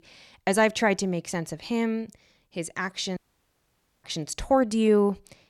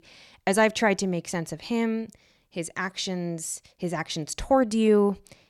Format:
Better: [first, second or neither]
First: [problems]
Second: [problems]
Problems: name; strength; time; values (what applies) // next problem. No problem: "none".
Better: second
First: audio cutting out; at 3 s for 1 s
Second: none